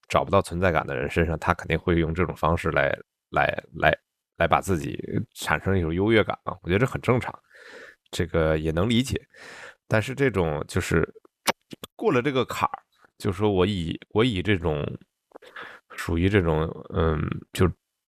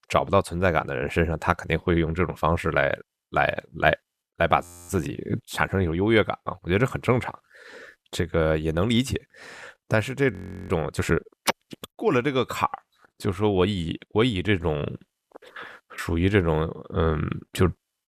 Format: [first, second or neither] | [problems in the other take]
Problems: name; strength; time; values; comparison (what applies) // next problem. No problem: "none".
first | audio freezing; at 4.5 s and at 10 s